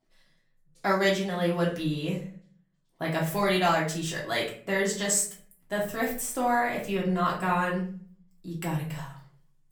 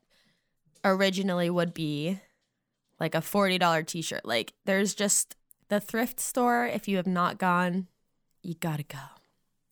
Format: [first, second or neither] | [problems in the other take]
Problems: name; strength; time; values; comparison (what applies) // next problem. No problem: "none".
second | off-mic speech; far // room echo; slight; dies away in 0.4 s